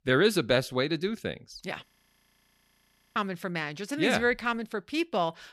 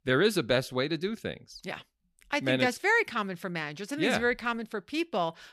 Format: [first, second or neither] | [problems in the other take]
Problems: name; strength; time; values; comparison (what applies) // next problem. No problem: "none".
second | audio freezing; at 2 s for 1.5 s